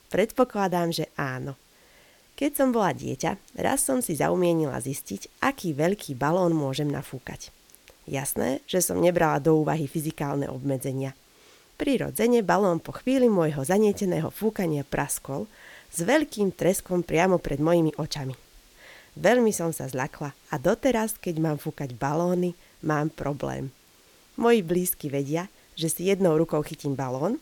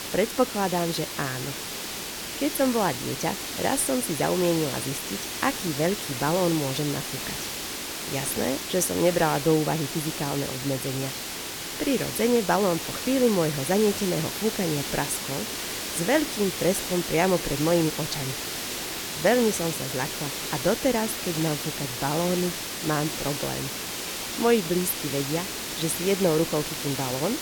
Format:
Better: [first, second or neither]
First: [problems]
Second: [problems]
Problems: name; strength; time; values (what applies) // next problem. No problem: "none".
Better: first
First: hiss; faint; throughout; 30 dB below the speech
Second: hiss; loud; throughout; 4 dB below the speech